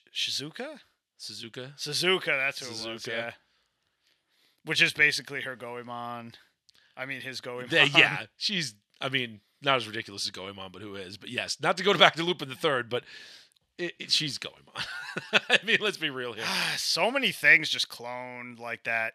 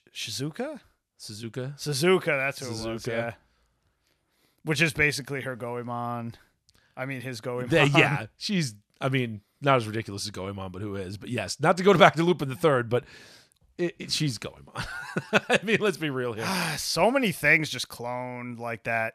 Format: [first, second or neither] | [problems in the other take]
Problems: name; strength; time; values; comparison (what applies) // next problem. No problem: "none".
second | thin; very slightly; fading below 500 Hz